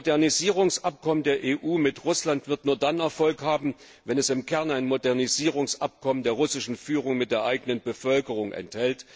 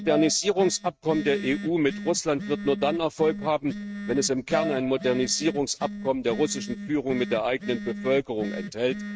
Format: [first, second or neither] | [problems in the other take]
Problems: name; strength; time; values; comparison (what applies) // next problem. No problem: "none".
first | noise reduction (neural mask model RNNoise)